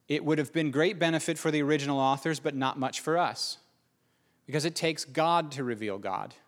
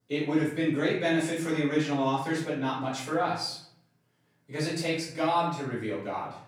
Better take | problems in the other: first | off-mic speech; far // room echo; noticeable; dies away in 0.6 s

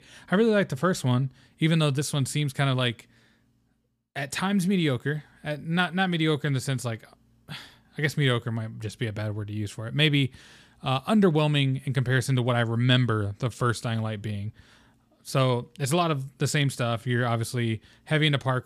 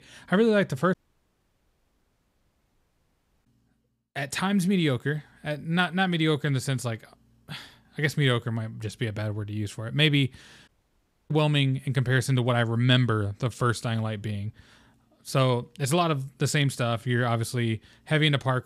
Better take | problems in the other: first | audio cutting out; at 1 s for 2.5 s and at 11 s for 0.5 s

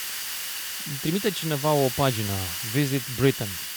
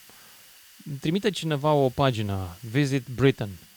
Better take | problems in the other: second | hiss; loud; throughout; 4 dB below the speech; faint in the second

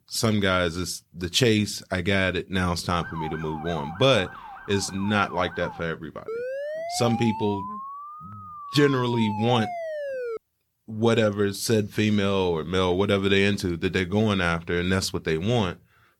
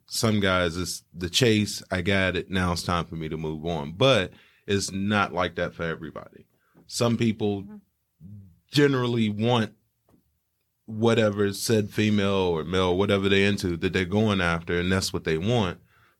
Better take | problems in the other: second | siren; faint; from 3 to 6 s; peak 10 dB below the speech // siren; noticeable; from 6.5 to 10 s; peak 7 dB below the speech

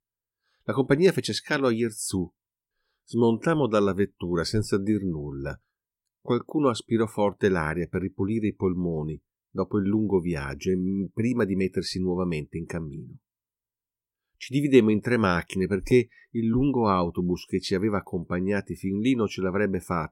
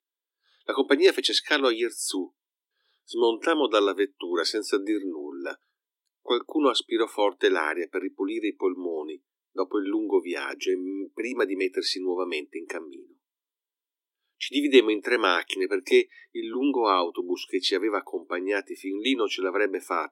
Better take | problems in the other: first | thin; somewhat; fading below 300 Hz

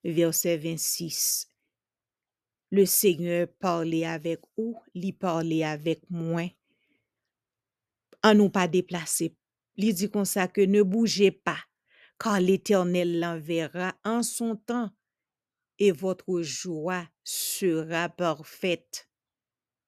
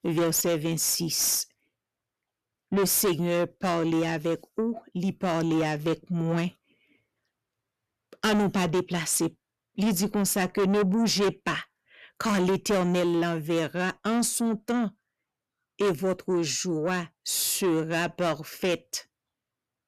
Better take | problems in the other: first | distortion; heavy; 6 dB below the speech

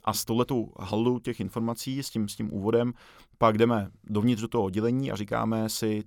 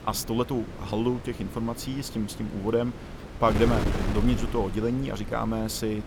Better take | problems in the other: first | wind noise on the microphone; heavy; 9 dB below the speech

